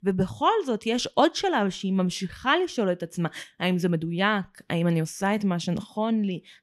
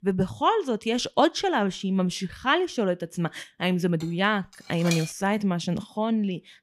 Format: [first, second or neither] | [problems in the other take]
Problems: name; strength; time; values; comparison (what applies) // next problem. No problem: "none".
first | clattering dishes; noticeable; from 4 to 5 s; peak 6 dB below the speech